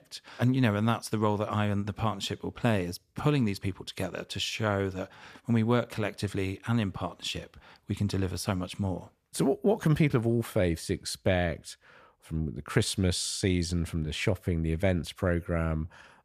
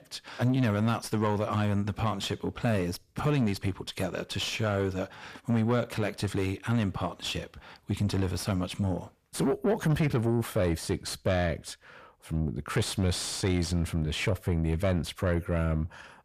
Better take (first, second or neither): first